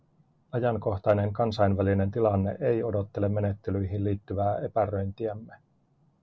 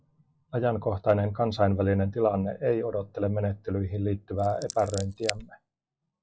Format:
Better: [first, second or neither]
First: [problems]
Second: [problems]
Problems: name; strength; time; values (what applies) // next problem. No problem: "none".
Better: first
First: none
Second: noise reduction (classical method log-MMSE)